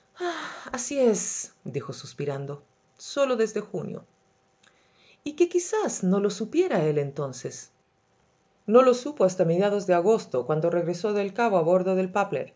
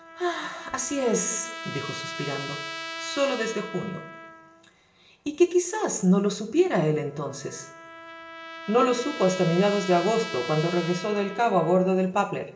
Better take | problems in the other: first | background sound (Trumpet); 13 dB below the speech // room echo; dies away in 0.6 s

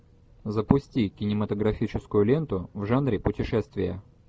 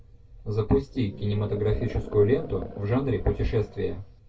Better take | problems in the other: first | background sound (Animal); 14 dB below the speech // room echo; dies away in 0.2 s

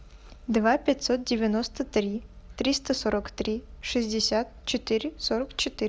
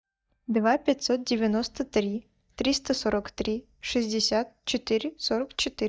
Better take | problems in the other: first | noise reduction (neural mask model DeepFilterNet 3)

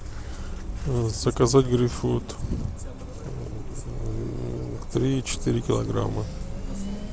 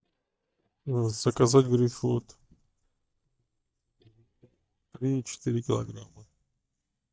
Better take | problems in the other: first | noise reduction (neural mask model DeepFilterNet 3)

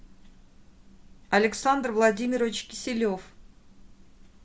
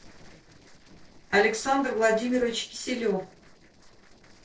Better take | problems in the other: first | noise reduction (neural separator model SepFormer DNS4)

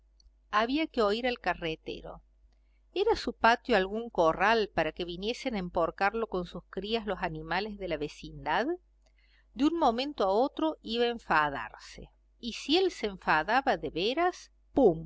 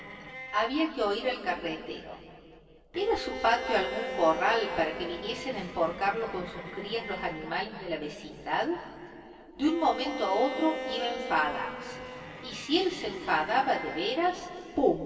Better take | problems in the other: first | background sound (Bowed string instrument); 11 dB below the speech // room echo; dies away in 2.5 s

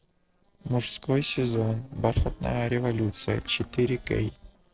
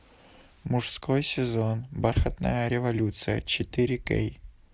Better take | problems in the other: second | noise reduction (neural separator model SepFormer DNS4)

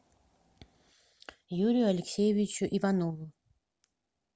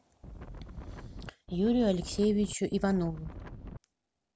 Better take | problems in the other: first | background sound (Wind); 12 dB below the speech

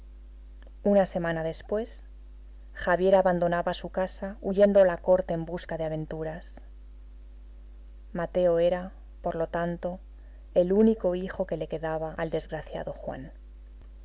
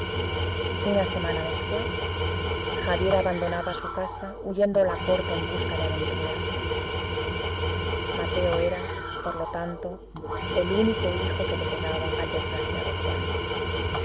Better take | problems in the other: first | background sound (Tools); 1 dB above the speech

